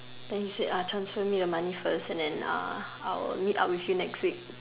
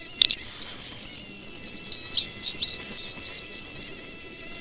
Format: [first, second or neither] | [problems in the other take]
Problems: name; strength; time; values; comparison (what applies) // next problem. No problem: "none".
first | noise reduction (neural separator model SepFormer WHAMR!)